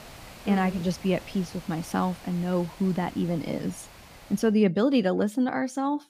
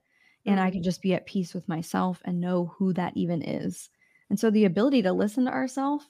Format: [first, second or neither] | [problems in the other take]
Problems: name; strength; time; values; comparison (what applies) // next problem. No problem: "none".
second | hiss; noticeable; until 4.5 s; 20 dB below the speech